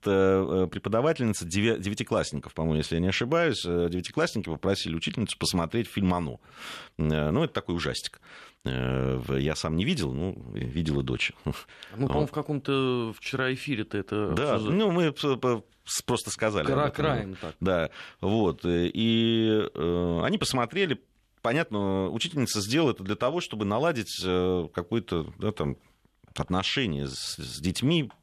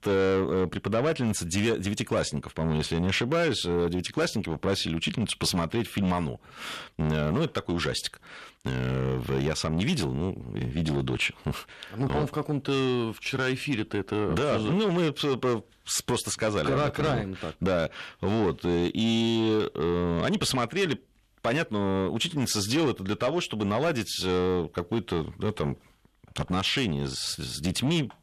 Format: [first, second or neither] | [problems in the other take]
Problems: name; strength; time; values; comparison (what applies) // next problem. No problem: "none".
first | distortion; slight; 10 dB below the speech